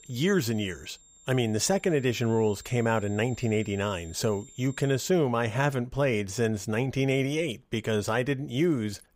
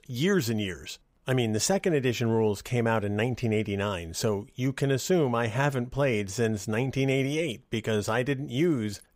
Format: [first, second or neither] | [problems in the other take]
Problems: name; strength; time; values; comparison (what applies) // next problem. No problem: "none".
second | high-pitched whine; faint; until 5 s; 7.5 kHz, 25 dB below the speech